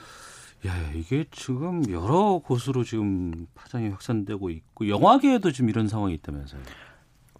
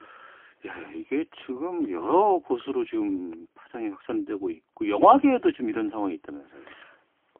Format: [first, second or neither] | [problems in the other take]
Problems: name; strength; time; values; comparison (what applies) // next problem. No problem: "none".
first | phone-call audio; poor line; nothing above 3.5 kHz